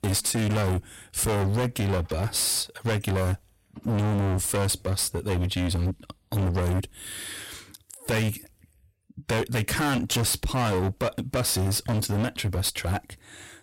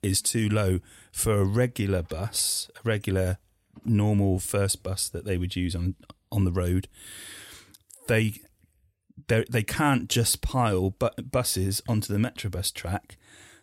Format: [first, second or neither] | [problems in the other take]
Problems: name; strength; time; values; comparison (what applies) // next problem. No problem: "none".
second | distortion; heavy; 26% of the sound clipped